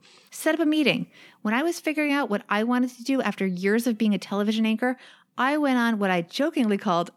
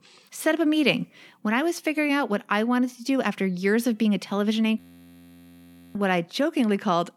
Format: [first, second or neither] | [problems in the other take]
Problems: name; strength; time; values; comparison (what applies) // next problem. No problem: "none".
first | audio freezing; at 5 s for 1 s